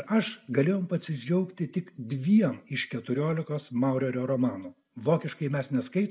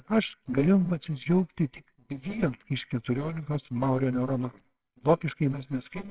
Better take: first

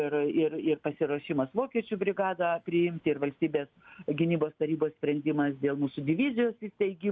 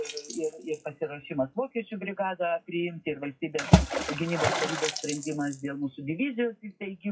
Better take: first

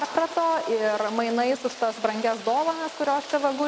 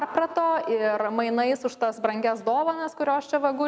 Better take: second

